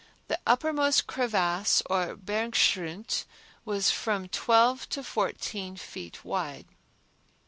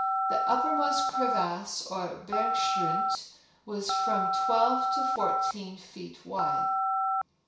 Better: first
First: none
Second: background sound (Telephone); 4 dB above the speech // room echo; dies away in 0.6 s

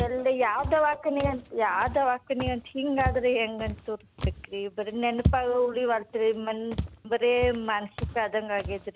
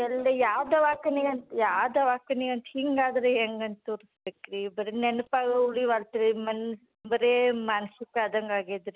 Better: second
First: background sound (Walk, footsteps); 8 dB below the speech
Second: none

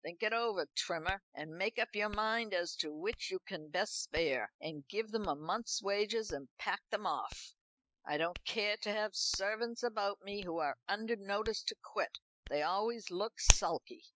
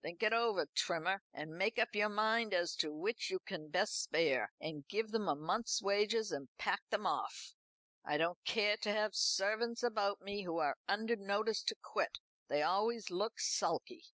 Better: second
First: noise reduction (classical method Wiener filter)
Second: none

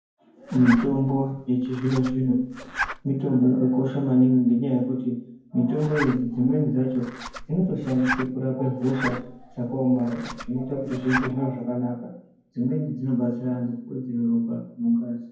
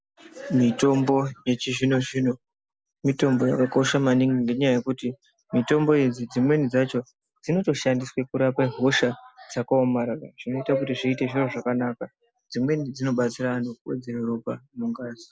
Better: second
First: background sound (Zipper (clothing)); 11 dB below the speech // room echo; dies away in 0.9 s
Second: none

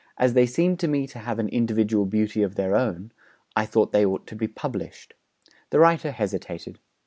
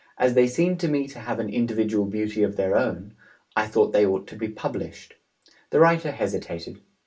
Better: first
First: none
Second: room echo; dies away in 0.2 s

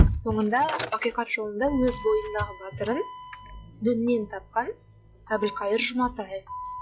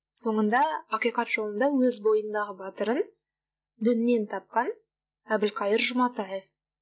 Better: second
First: noise reduction (classical method log-MMSE)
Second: none

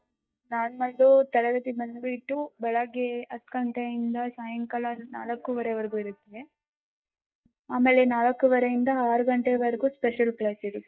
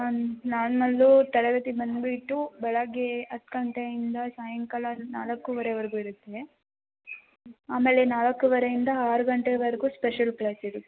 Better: second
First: noise reduction (neural mask model DeepFilterNet 3)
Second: none

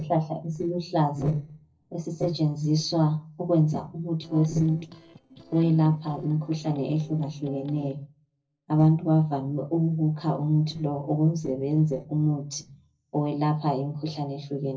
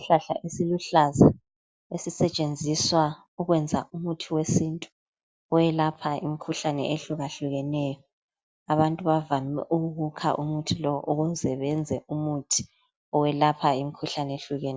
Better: second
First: noise reduction (neural separator model SepFormer DNS4)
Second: none

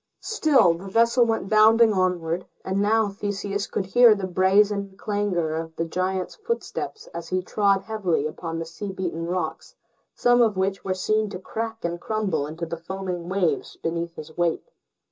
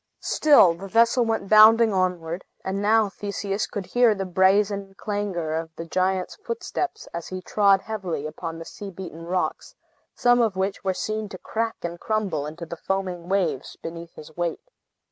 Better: second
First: room echo; dies away in 0.2 s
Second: none

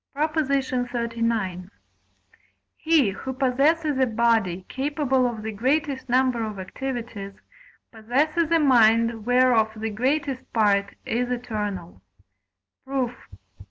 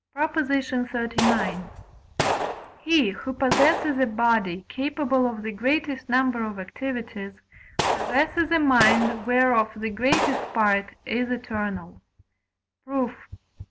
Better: first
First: none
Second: background sound (Gunshot, gunfire); 4 dB below the speech

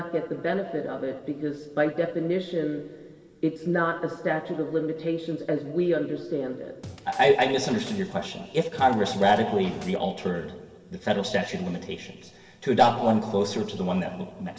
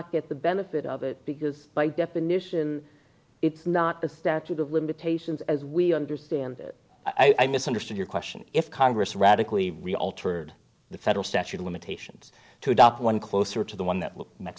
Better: second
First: background sound (Scratching (performance technique)); 17 dB below the speech // room echo; dies away in 2.5 s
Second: none

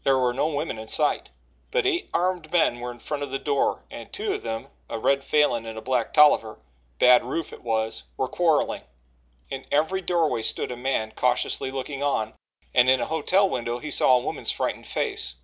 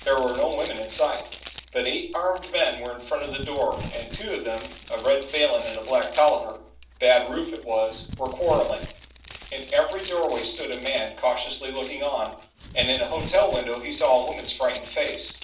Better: first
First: none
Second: background sound (Crumpling, crinkling); 17 dB below the speech // room echo; dies away in 0.4 s

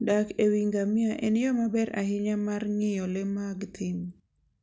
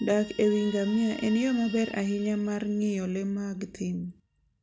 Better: first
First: none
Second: background sound (Guitar); 20 dB below the speech

